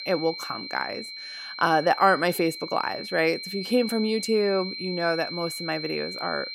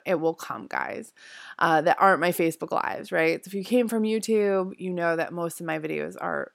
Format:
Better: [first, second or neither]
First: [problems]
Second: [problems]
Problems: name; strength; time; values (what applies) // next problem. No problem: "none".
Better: second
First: high-pitched whine; loud; throughout; 4 kHz, 8 dB below the speech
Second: none